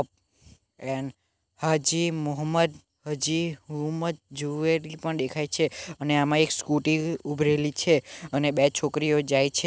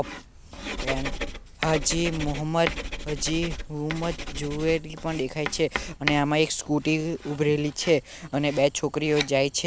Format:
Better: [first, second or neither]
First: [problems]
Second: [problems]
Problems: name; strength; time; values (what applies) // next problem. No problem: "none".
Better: first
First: none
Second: background sound (Writing); 8 dB below the speech